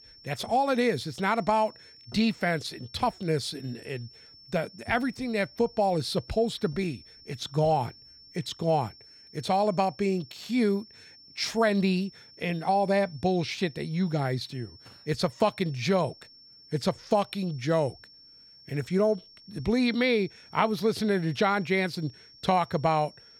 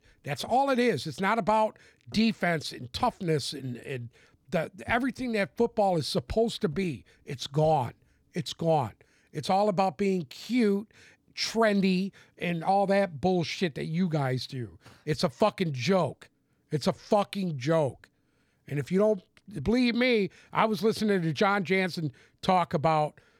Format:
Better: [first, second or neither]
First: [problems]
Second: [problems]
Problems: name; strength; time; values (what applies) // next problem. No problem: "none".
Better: second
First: high-pitched whine; faint; throughout; 5.5 kHz, 20 dB below the speech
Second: none